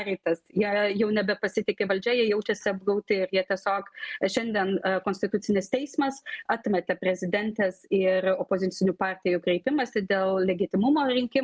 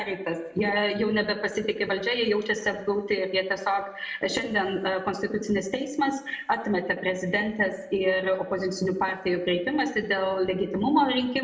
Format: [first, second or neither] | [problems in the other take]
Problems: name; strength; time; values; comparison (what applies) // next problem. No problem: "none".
first | room echo; dies away in 0.7 s